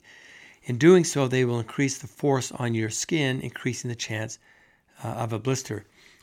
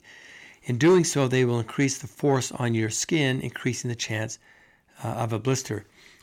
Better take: first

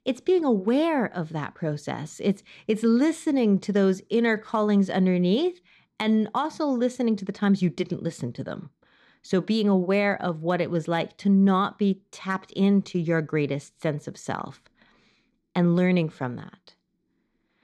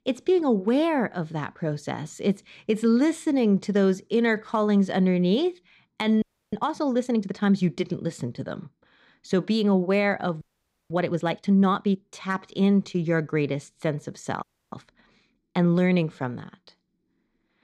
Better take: first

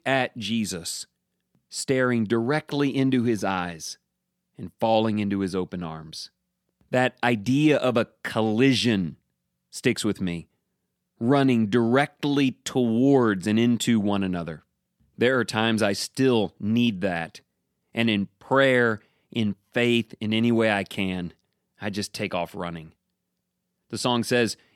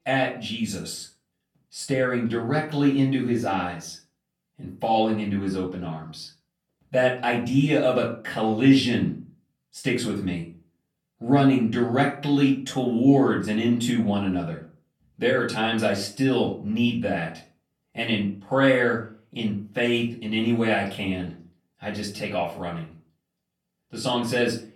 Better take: first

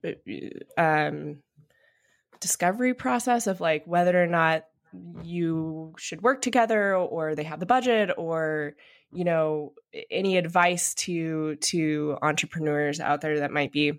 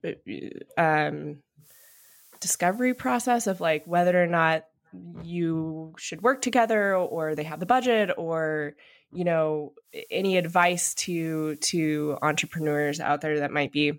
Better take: first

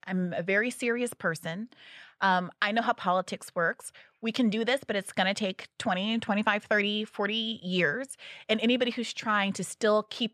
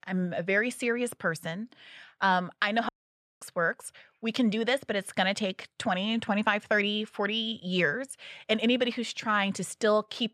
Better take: first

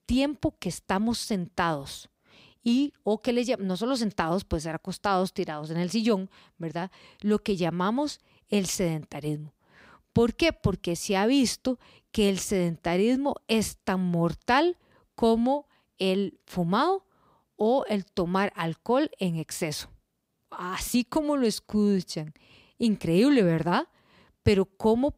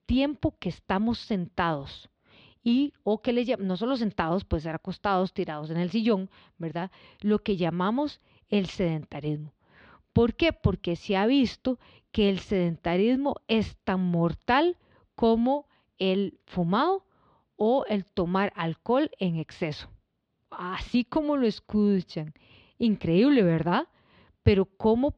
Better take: first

